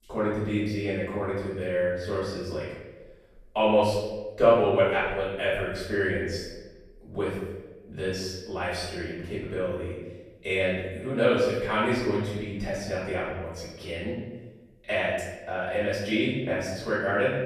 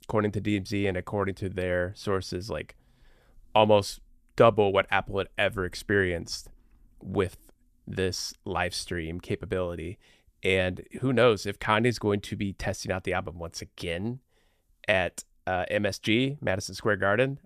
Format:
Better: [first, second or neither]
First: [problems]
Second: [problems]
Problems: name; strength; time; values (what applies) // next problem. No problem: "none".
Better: second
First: room echo; strong; dies away in 1 s // off-mic speech; far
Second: none